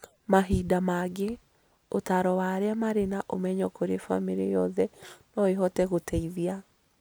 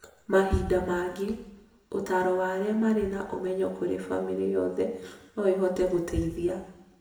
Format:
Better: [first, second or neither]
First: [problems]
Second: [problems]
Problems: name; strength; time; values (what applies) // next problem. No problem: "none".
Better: first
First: none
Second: room echo; dies away in 0.9 s